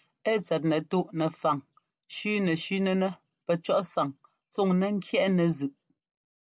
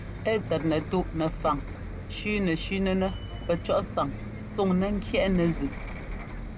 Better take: first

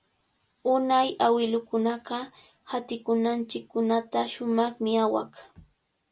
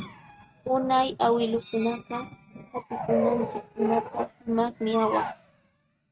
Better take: first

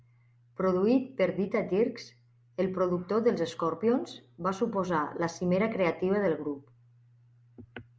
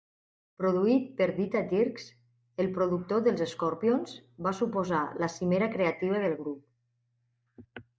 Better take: first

